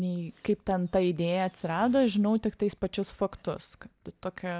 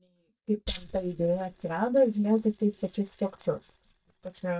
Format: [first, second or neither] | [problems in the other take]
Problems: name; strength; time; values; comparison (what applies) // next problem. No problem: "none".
first | noise reduction (neural mask model DeepFilterNet 3)